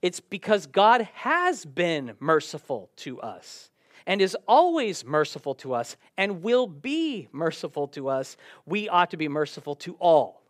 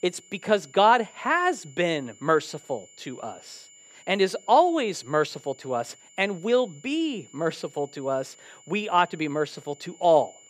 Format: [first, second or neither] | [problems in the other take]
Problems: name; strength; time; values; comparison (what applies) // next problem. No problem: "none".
first | high-pitched whine; faint; throughout; 7 kHz, 25 dB below the speech